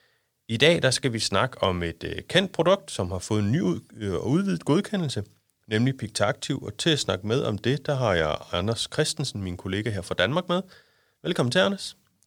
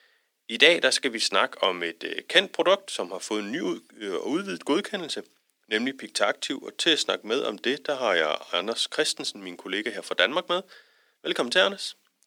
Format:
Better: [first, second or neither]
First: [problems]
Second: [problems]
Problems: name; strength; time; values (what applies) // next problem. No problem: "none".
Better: first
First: none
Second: thin; somewhat; fading below 250 Hz